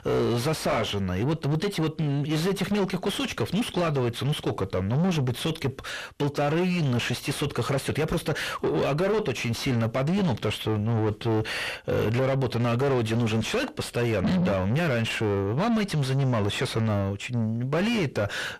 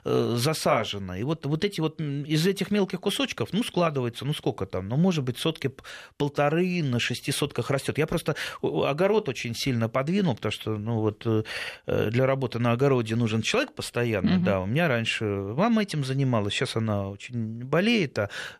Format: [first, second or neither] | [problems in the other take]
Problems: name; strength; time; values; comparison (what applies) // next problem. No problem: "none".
second | distortion; heavy; 6 dB below the speech